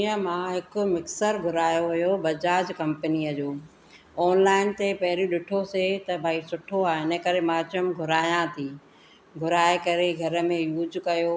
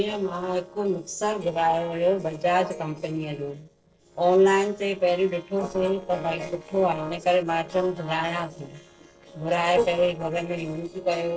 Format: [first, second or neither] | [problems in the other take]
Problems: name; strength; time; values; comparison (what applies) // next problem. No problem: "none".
first | noise reduction (neural separator model SepFormer DNS4)